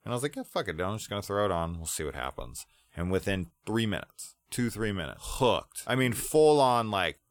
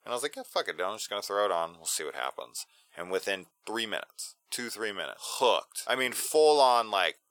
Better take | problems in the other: first | thin; very; fading below 550 Hz

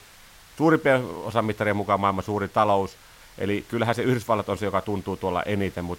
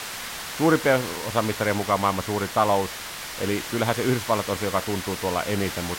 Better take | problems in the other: first | hiss; loud; throughout; 7 dB below the speech; faint in the first

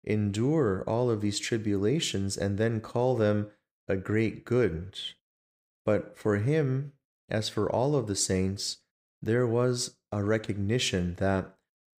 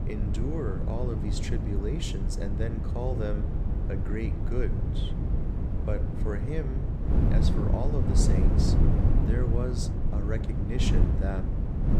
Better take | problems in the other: first | wind noise on the microphone; heavy; 1 dB below the speech

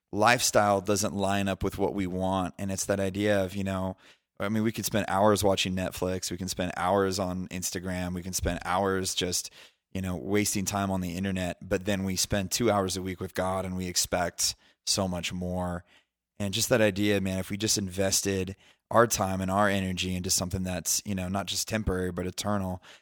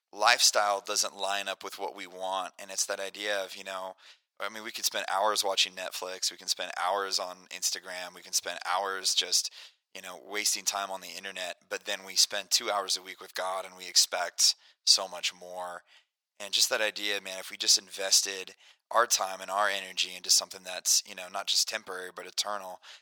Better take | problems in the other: first | thin; very; fading below 850 Hz

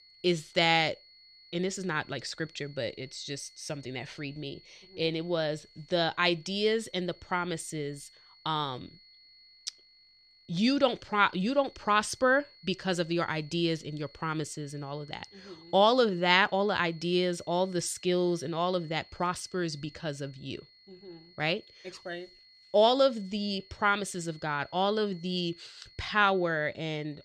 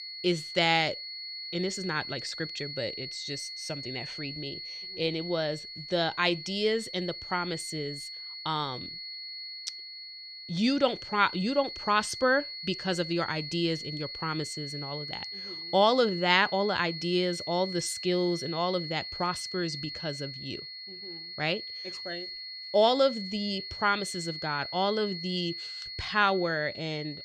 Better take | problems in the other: first | high-pitched whine; loud; throughout; 4.5 kHz, 8 dB below the speech; faint in the first

